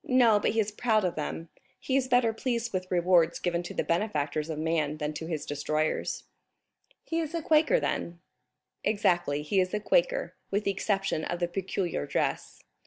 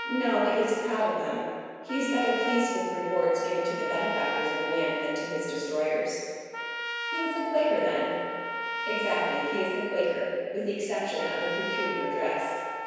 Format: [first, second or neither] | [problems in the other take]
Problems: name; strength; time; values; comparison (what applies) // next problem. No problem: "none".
first | background sound (Trumpet); 6 dB below the speech // room echo; dies away in 1.9 s